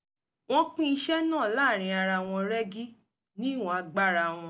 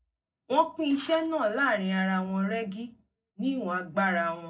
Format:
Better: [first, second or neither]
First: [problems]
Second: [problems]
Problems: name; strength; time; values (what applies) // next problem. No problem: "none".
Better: first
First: none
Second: noise reduction (neural separator model SepFormer DNS4)